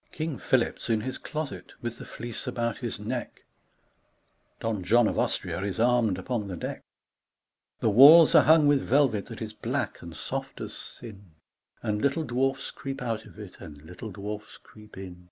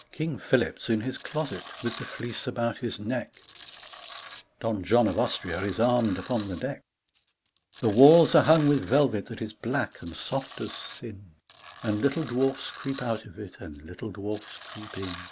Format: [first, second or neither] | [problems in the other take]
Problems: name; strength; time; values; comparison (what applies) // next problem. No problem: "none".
first | background sound (Tools); 19 dB below the speech